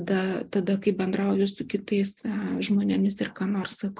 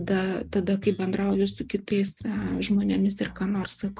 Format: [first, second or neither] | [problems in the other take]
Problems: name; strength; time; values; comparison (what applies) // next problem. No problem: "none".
first | noise reduction (neural mask model RNNoise)